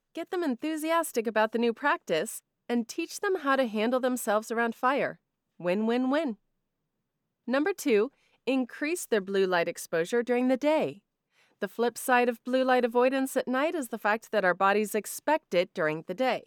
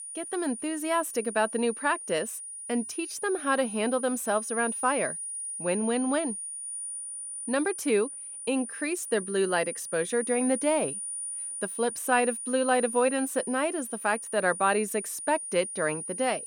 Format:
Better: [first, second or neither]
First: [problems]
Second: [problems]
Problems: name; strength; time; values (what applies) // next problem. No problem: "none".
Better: first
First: none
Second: high-pitched whine; loud; throughout; 9.5 kHz, 6 dB below the speech